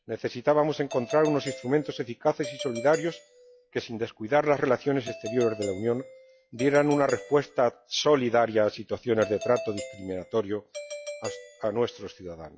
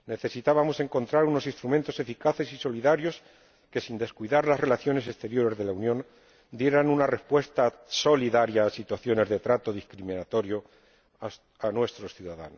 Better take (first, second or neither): second